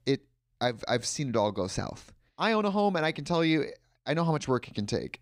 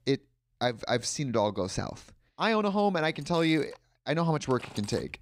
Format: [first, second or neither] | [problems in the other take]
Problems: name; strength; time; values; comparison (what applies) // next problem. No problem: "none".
first | machinery noise; very faint; from 3.5 s on; 20 dB below the speech